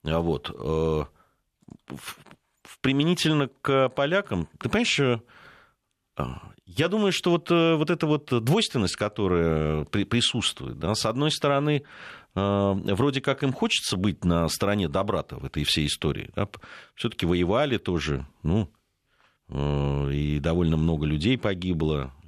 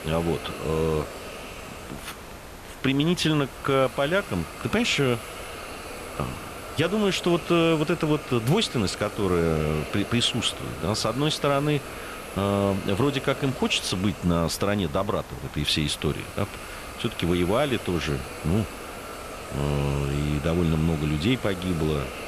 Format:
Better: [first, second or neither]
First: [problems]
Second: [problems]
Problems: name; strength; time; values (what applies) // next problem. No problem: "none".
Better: first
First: none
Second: hiss; noticeable; throughout; 10 dB below the speech